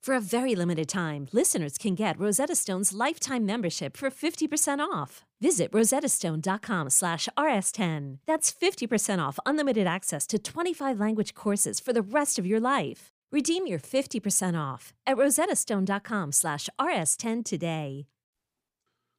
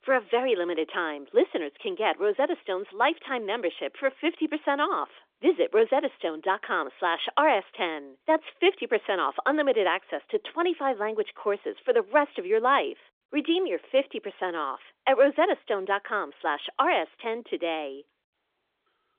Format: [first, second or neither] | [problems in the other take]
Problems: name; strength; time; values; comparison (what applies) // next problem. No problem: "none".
first | phone-call audio; nothing above 3.5 kHz